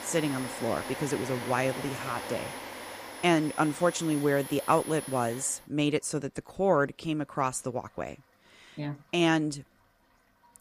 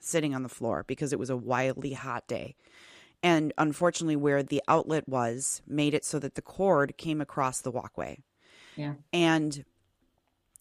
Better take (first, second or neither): second